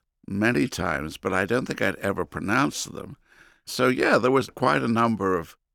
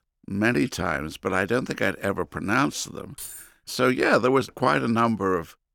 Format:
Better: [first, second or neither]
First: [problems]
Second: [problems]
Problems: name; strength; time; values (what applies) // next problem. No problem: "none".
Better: first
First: none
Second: jangling keys; faint; at 3 s; peak 15 dB below the speech